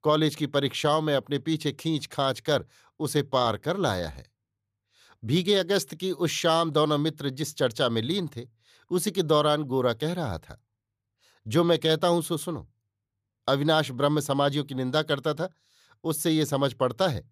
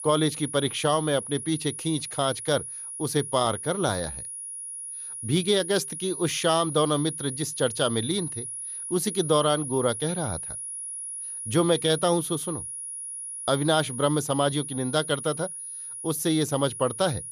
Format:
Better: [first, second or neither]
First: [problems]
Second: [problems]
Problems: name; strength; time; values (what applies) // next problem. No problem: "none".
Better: first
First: none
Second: high-pitched whine; loud; throughout; 10.5 kHz, 7 dB below the speech